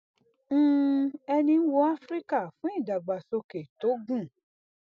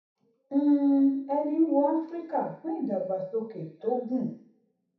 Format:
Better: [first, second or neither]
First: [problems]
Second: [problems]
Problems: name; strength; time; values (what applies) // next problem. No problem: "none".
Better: first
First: none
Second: room echo; dies away in 0.7 s